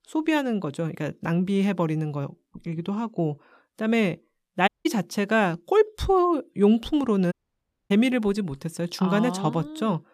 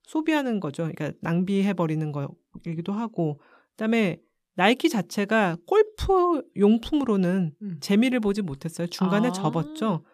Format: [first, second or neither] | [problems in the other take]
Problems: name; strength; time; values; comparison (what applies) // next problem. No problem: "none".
second | audio cutting out; at 4.5 s and at 7.5 s for 0.5 s